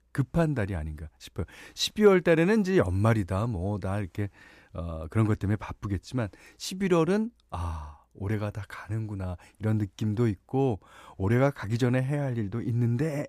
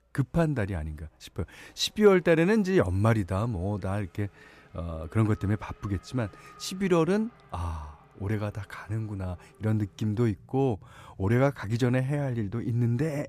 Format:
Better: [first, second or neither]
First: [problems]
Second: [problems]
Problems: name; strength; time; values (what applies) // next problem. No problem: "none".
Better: first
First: none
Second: traffic noise; faint; throughout; 25 dB below the speech